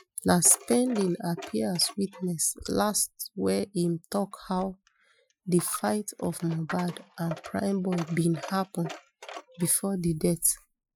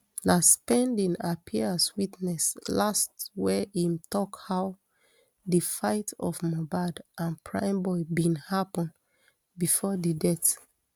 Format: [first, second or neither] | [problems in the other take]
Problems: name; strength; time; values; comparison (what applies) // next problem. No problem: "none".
second | noise reduction (classical method Wiener filter)